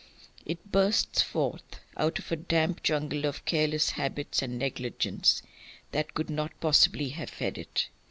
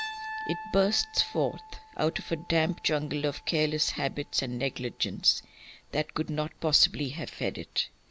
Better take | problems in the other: first | background sound (Piano); 16 dB below the speech

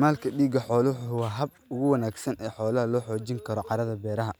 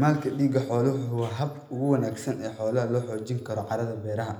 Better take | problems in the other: first | room echo; dies away in 0.7 s

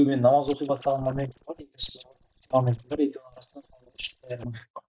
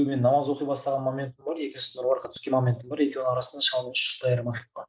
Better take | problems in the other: second | noise reduction (neural mask model DeepFilterNet 3)

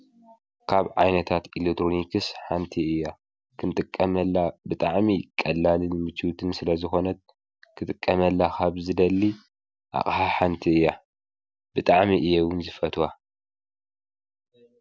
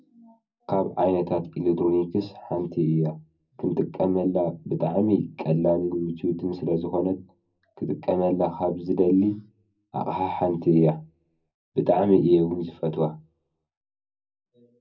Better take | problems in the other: first | room echo; dies away in 0.4 s

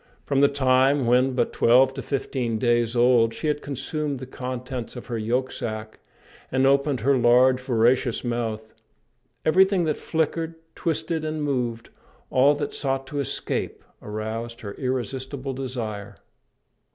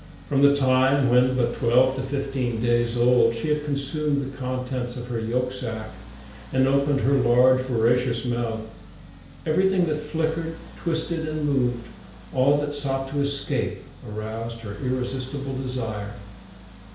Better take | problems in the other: first | background sound (Accelerating, revving, vroom); 17 dB below the speech // room echo; dies away in 0.5 s

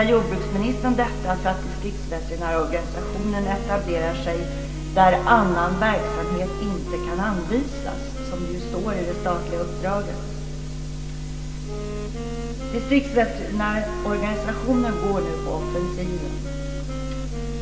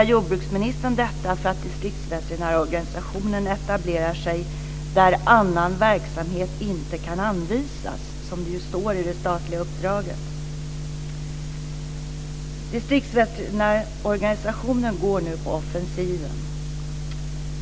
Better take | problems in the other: second | background sound (Wind instrument, woodwind instrument); 11 dB below the speech // room echo; dies away in 2.1 s

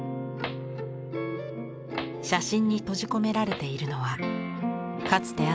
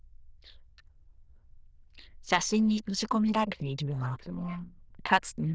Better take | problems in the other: first | noise reduction (neural diffusion model UNIVERSE++)

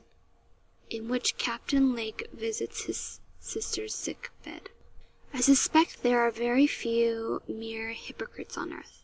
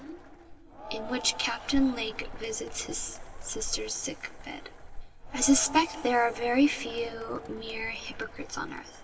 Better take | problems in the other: first | background sound (Crowd); 16 dB below the speech // room echo; dies away in 1.5 s

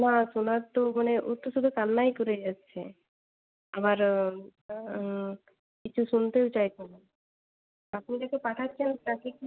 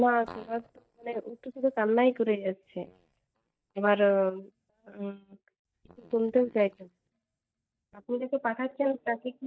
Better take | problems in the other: first | noise reduction (neural mask model DeepFilterNet 3)

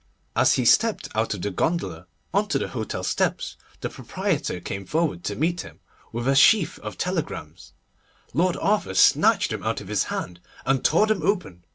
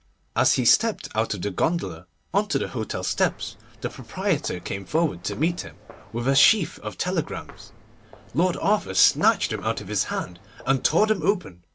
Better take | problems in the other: first | background sound (Walk, footsteps); 19 dB below the speech

